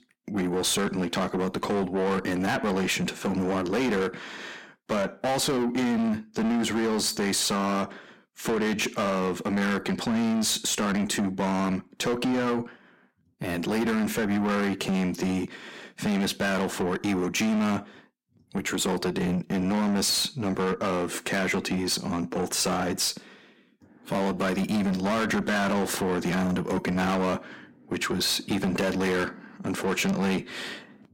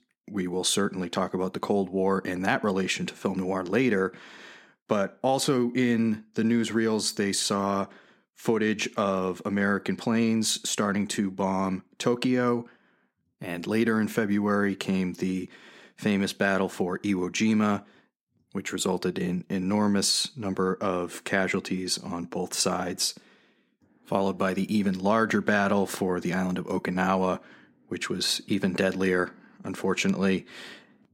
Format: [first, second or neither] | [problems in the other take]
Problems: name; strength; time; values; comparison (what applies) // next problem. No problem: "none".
second | distortion; heavy; 7 dB below the speech